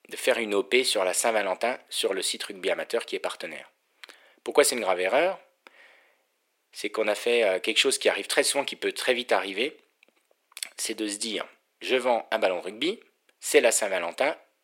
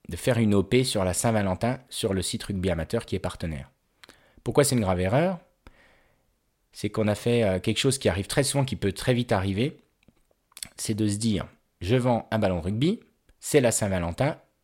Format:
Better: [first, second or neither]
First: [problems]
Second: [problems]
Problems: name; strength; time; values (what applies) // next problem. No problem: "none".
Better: second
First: thin; very; fading below 350 Hz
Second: none